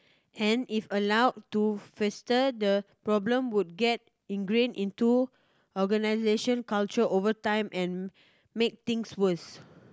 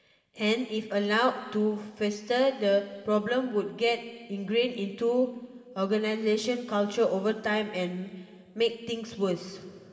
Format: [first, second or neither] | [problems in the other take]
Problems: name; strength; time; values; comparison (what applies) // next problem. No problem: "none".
first | room echo; dies away in 2.6 s